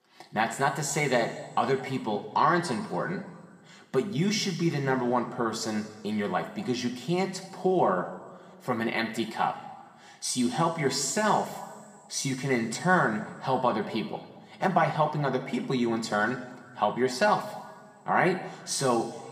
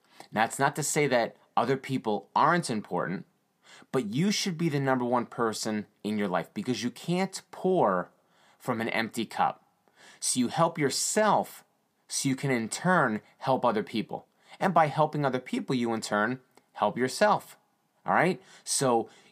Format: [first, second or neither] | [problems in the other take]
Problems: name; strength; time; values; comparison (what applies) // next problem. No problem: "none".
second | room echo; slight; dies away in 1.4 s // off-mic speech; somewhat distant